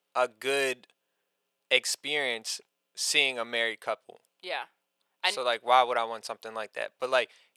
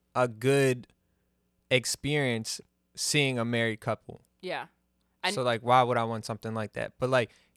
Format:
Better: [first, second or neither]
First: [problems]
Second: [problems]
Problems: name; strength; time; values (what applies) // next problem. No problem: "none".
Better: second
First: thin; very; fading below 600 Hz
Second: none